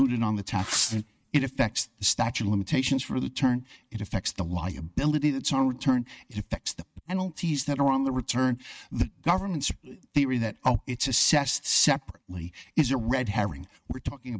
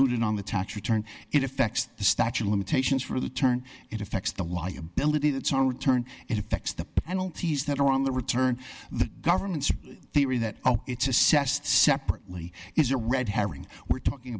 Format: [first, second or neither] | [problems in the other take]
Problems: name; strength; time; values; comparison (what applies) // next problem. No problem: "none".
second | noise reduction (neural mask model RNNoise)